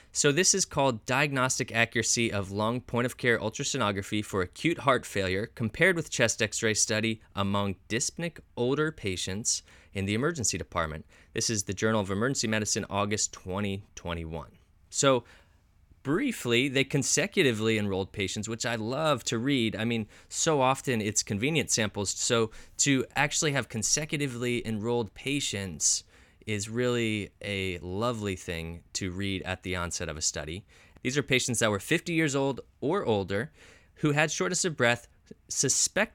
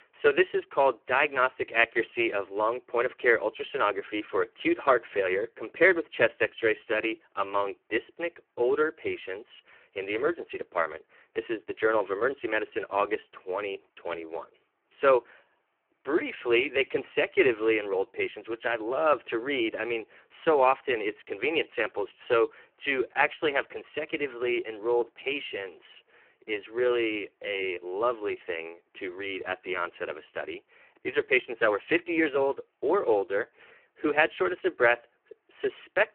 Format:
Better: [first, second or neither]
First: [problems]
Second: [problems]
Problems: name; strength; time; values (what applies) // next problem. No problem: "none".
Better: first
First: none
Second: phone-call audio; poor line